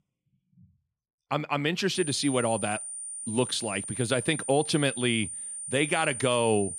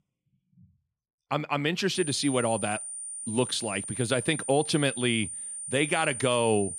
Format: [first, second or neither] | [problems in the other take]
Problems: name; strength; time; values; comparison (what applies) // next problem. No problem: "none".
neither | high-pitched whine; loud; from 2 s on; 9 kHz, 7 dB below the speech; the same in both